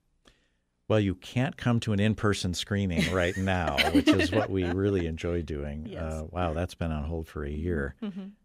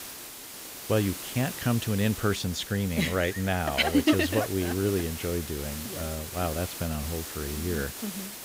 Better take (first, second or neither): first